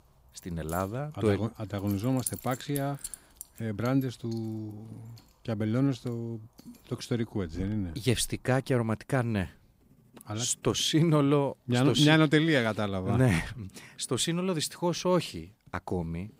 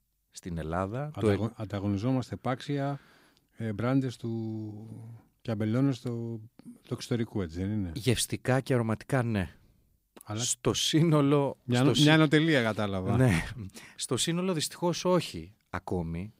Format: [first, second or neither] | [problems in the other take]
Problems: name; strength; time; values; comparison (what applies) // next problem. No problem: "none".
second | household noises; noticeable; throughout; 15 dB below the speech